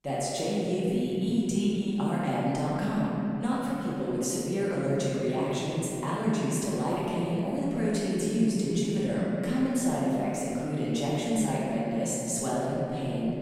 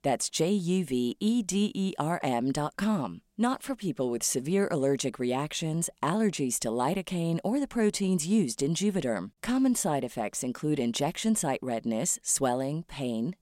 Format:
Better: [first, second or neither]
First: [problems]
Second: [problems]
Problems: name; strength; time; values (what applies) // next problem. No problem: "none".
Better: second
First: room echo; strong; dies away in 3 s // off-mic speech; far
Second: none